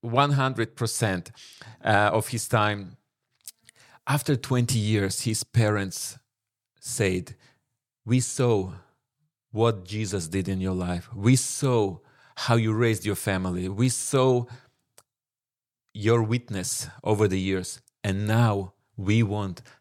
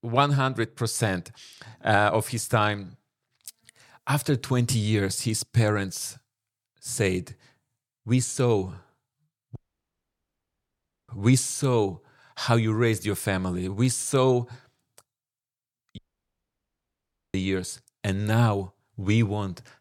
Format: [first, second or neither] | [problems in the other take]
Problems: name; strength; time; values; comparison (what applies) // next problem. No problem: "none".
first | audio cutting out; at 9.5 s for 1.5 s and at 16 s for 1.5 s